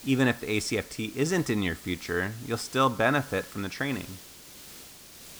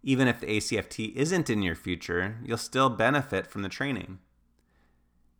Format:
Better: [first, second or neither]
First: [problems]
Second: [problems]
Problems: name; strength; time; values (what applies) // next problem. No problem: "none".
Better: second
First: hiss; noticeable; throughout; 15 dB below the speech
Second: none